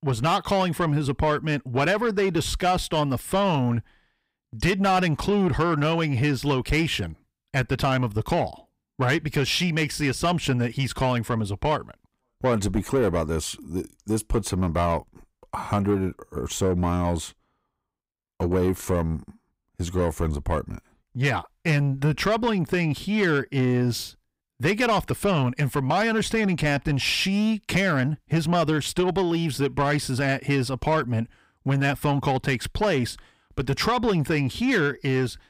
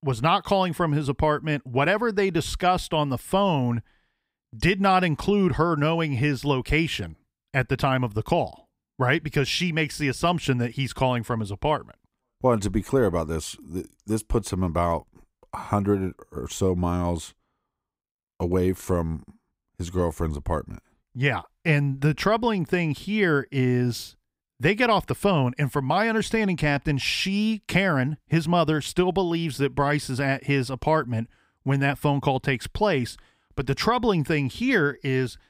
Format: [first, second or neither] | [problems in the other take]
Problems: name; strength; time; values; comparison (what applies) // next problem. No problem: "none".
second | distortion; slight; 10 dB below the speech